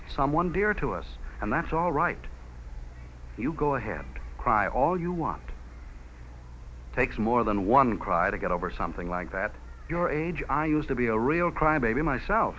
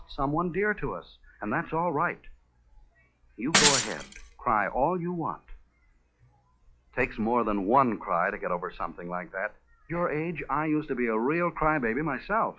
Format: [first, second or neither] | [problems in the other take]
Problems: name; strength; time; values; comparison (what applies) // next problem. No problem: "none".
first | noise reduction (classical method log-MMSE)